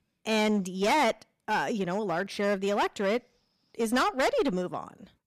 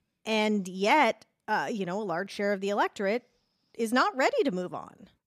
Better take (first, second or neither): second